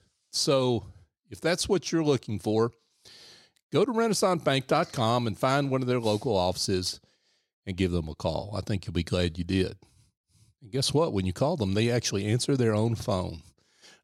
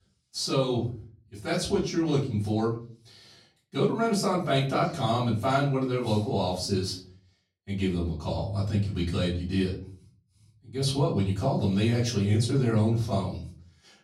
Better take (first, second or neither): first